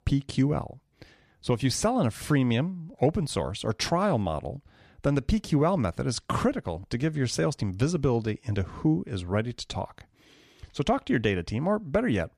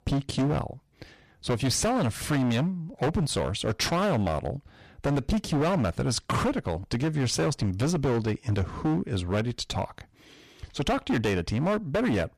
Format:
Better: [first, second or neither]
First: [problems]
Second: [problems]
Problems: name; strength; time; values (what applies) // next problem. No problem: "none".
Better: first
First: none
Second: distortion; heavy; 16% of the sound clipped